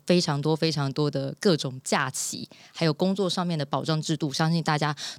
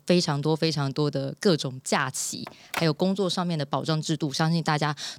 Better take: first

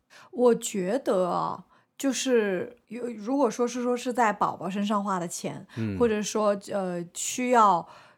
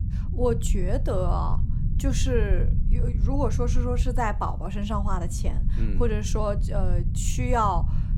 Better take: first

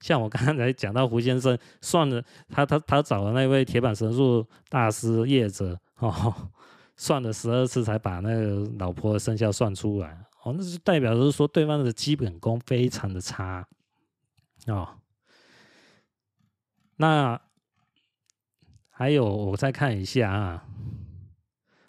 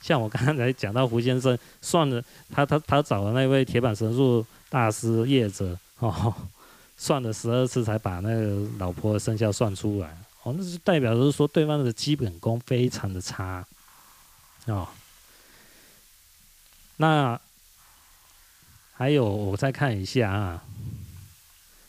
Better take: first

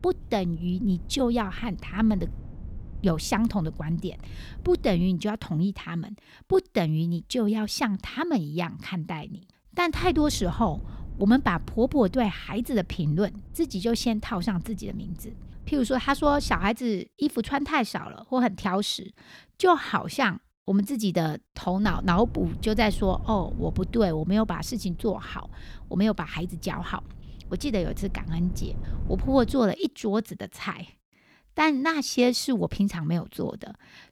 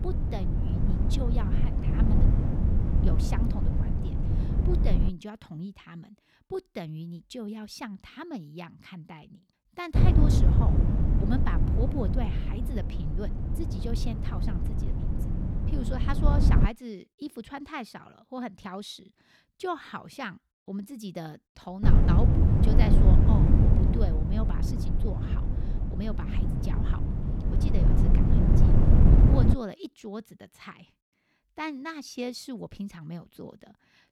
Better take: first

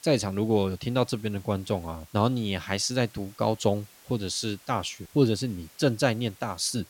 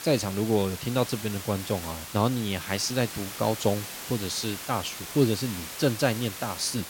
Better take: first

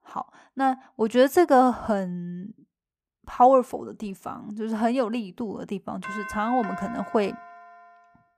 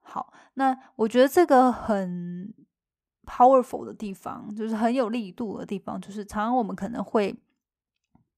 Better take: second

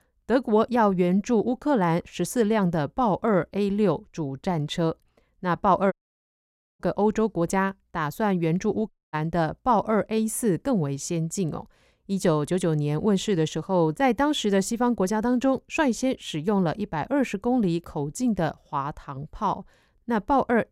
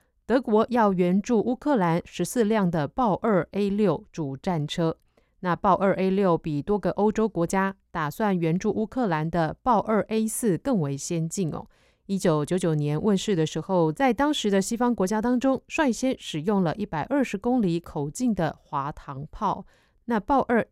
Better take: second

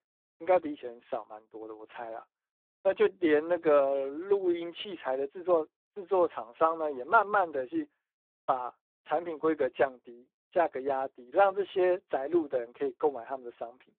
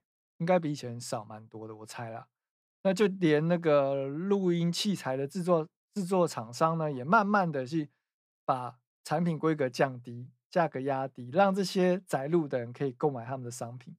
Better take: second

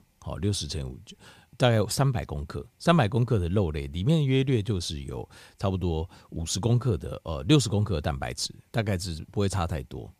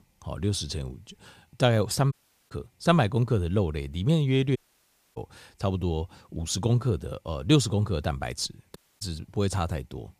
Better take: first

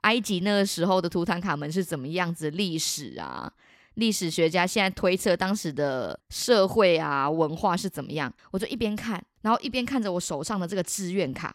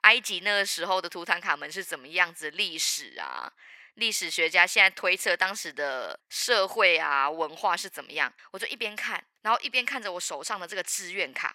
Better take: first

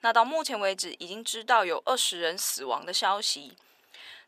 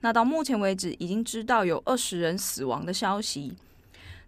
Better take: second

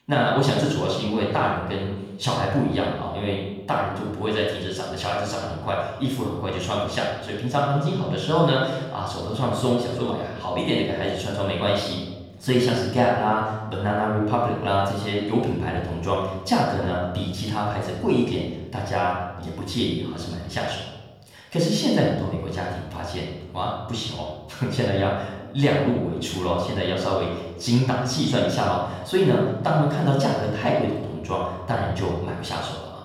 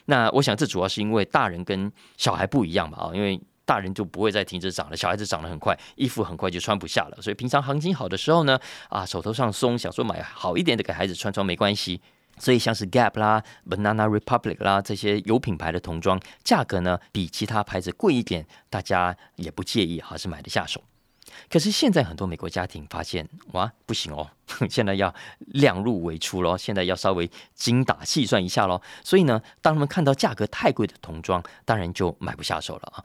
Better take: second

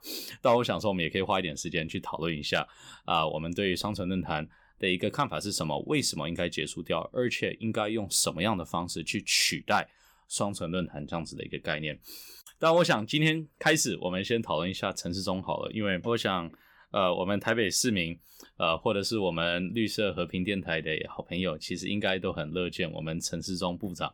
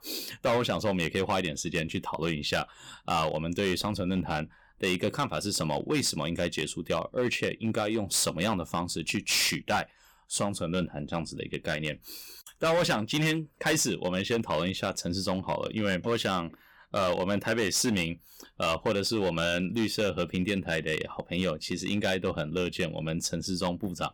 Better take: first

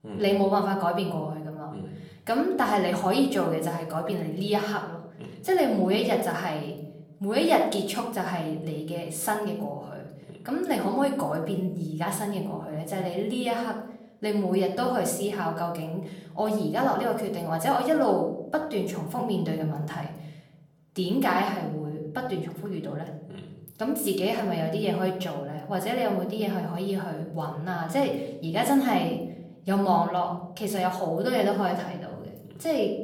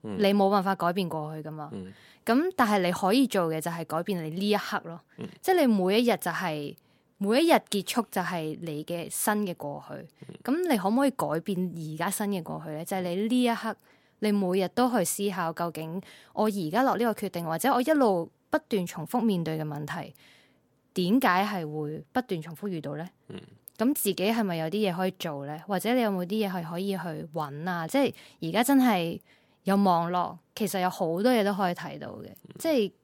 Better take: second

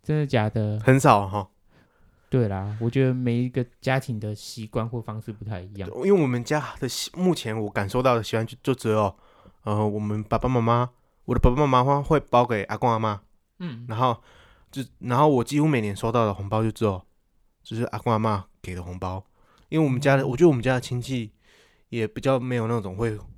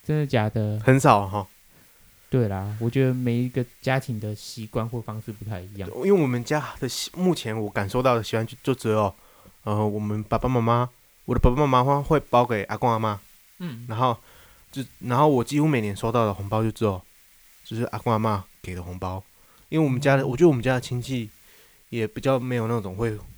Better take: first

